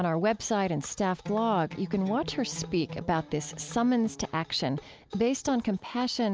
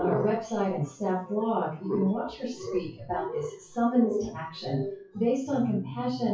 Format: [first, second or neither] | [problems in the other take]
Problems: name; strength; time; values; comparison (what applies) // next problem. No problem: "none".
first | noise reduction (classical method WPE with log-MMSE)